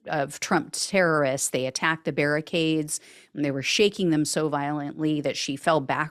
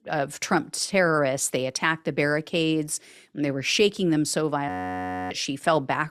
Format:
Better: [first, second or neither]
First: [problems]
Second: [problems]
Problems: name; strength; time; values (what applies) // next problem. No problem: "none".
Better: first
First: none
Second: audio freezing; at 4.5 s for 0.5 s